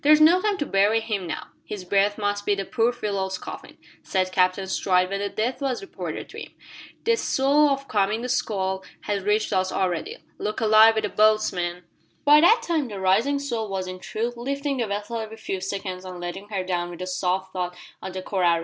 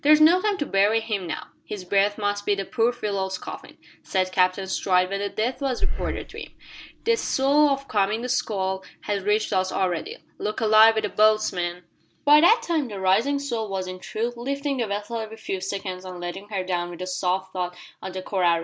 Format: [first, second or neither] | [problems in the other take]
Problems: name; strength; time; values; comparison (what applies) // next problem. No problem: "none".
first | background sound (Breathing); 1 dB below the speech